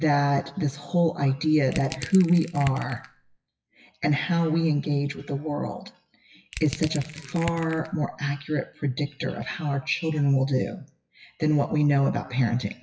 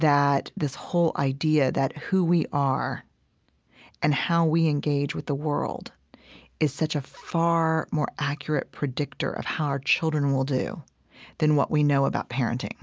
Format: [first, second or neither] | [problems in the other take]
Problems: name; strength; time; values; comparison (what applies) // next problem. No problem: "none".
second | noise reduction (classical method WPE with log-MMSE)